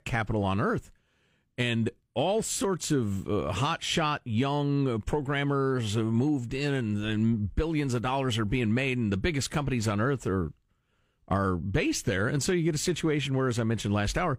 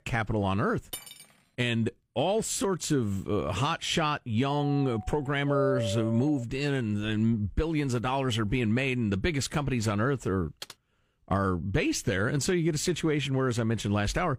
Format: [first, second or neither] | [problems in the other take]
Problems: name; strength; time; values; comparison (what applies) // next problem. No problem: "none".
first | clattering dishes; faint; at 1 s; peak 10 dB below the speech // doorbell; noticeable; from 4.5 to 6.5 s; peak 3 dB below the speech // keyboard typing; faint; at 11 s; peak 15 dB below the speech